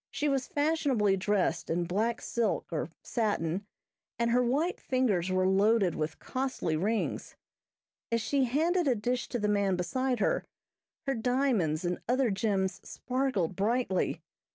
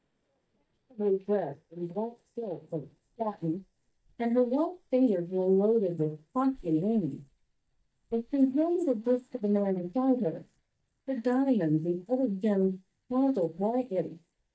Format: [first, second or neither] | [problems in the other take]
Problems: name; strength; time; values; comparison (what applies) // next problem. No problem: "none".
first | noise reduction (neural mask model DeepFilterNet 3)